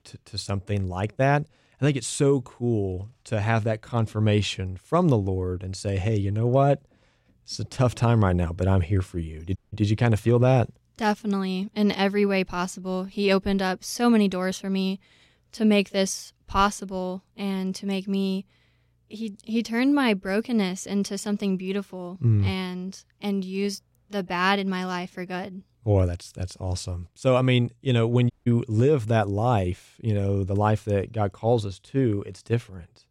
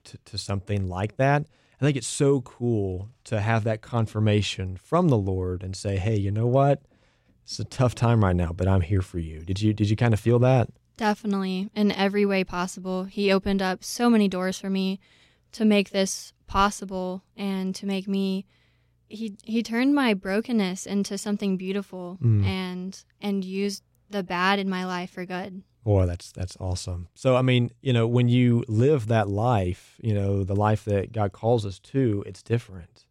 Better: second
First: audio cutting out; at 9.5 s and at 28 s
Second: none

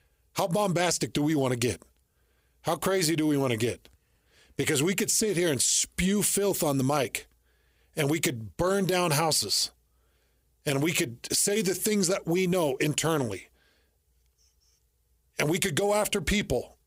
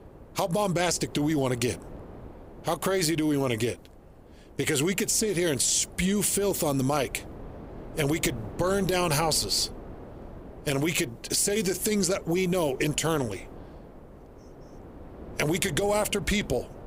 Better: first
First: none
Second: wind noise on the microphone; occasional gusts; 20 dB below the speech

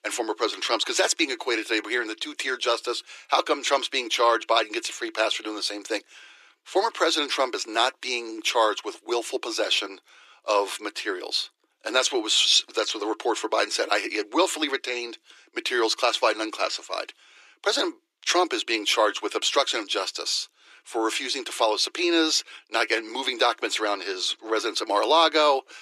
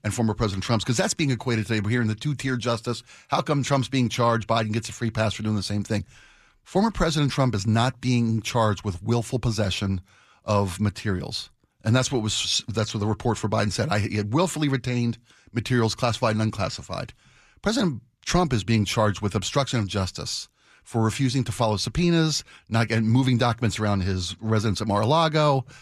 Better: second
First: thin; very; fading below 300 Hz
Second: none

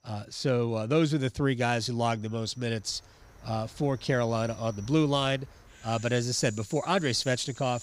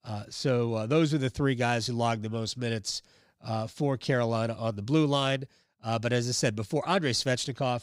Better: second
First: animal sounds; faint; throughout; 20 dB below the speech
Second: none

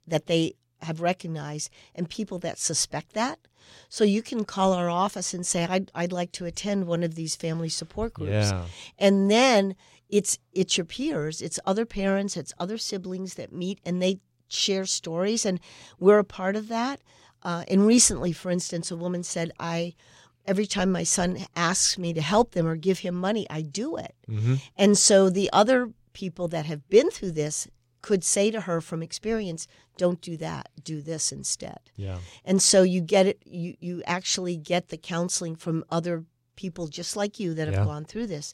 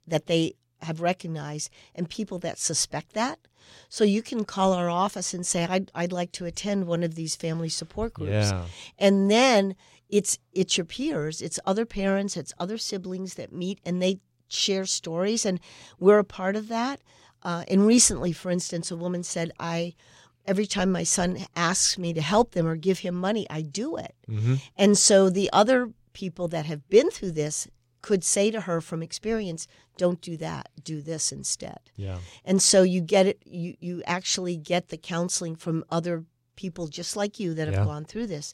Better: neither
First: none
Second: none

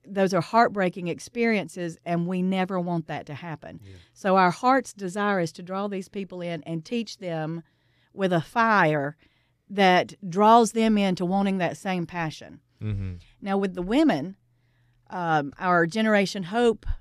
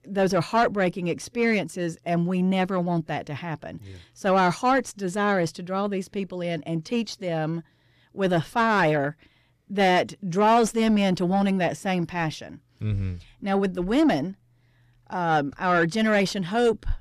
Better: first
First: none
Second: distortion; slight; 10 dB below the speech

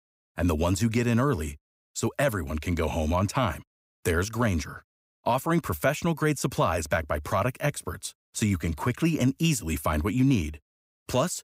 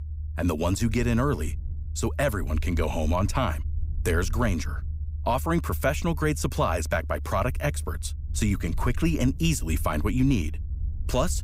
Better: first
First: none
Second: low rumble; faint; throughout; 25 dB below the speech

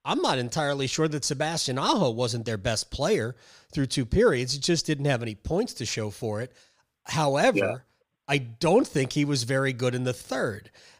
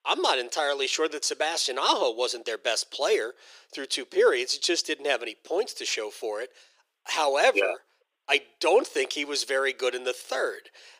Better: first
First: none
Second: thin; very; fading below 350 Hz

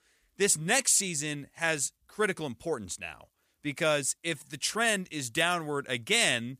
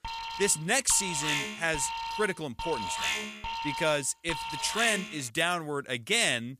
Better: first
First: none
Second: alarm; noticeable; until 5 s; peak 1 dB below the speech

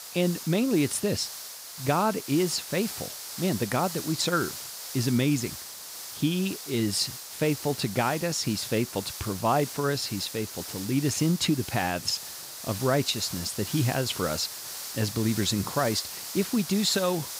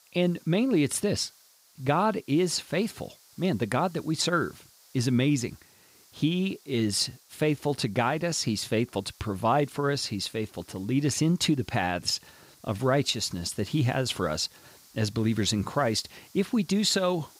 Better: second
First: hiss; loud; throughout; 8 dB below the speech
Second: hiss; faint; throughout; 25 dB below the speech

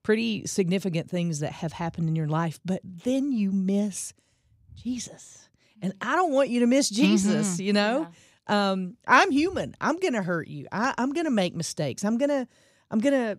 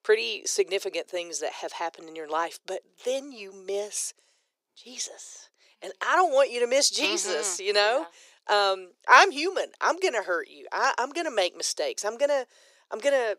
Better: first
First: none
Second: thin; very; fading below 400 Hz

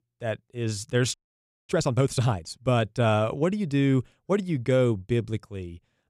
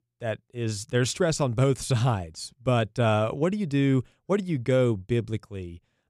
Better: second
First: audio freezing; at 1 s for 0.5 s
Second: none

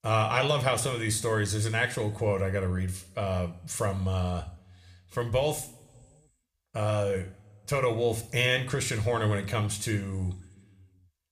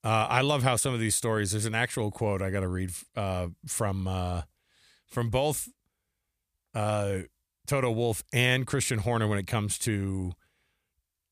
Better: second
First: room echo; very slight; dies away in 0.7 s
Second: none

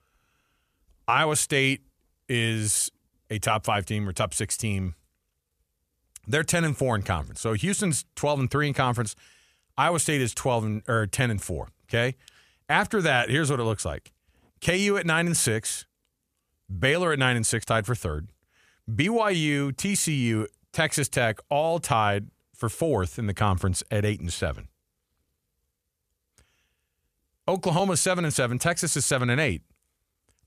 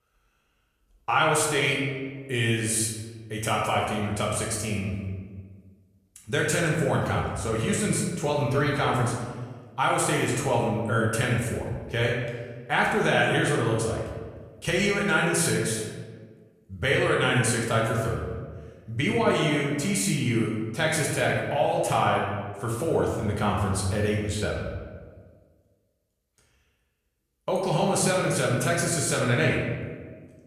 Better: first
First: none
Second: room echo; noticeable; dies away in 1.2 s // off-mic speech; far

